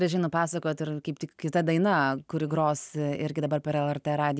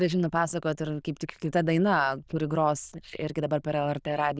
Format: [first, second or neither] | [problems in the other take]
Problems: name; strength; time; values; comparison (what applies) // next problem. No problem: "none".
first | noise reduction (neural diffusion model UNIVERSE++)